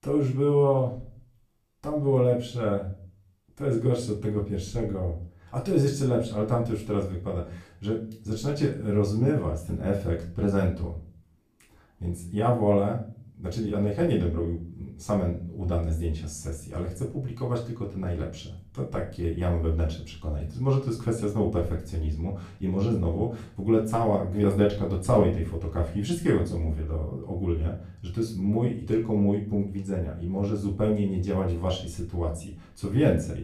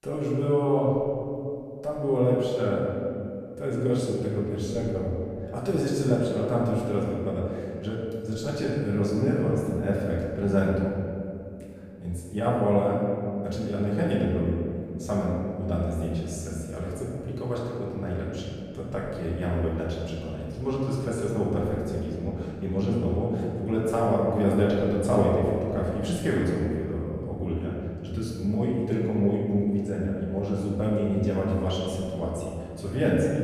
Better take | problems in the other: first | room echo; strong; dies away in 2.4 s; slight in the first // off-mic speech; far; far in the first

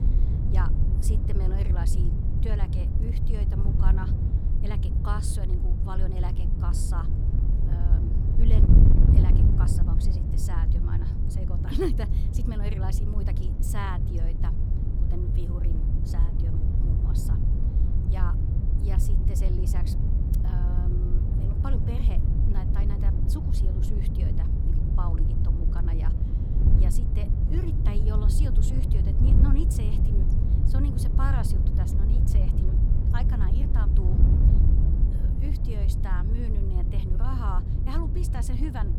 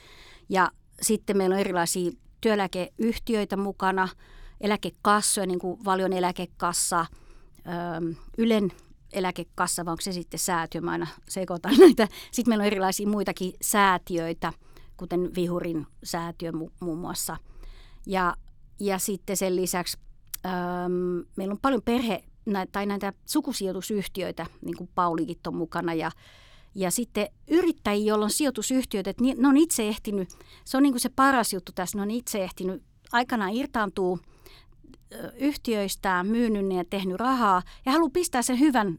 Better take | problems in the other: second | wind noise on the microphone; heavy; as loud as the speech

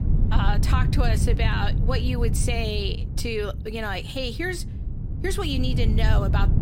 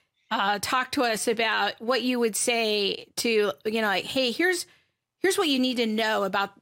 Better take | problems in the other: second | wind noise on the microphone; heavy; 10 dB below the speech

